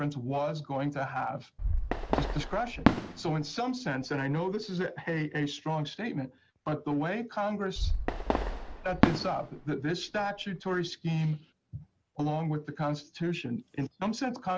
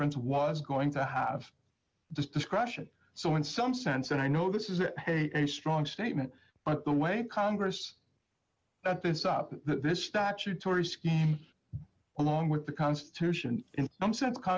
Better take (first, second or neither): second